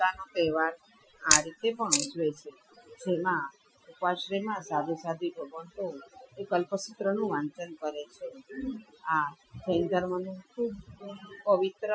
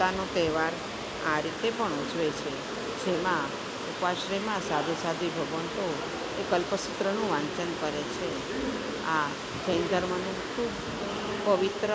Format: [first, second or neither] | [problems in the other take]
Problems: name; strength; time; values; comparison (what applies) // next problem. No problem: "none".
second | noise reduction (classical method Wiener filter)